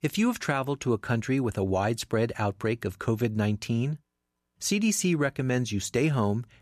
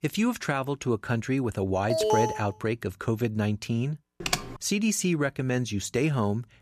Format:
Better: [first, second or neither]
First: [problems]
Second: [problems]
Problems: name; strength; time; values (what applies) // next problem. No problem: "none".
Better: first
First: none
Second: alarm; loud; at 2 s; peak 3 dB above the speech // keyboard typing; noticeable; at 4 s; peak 1 dB below the speech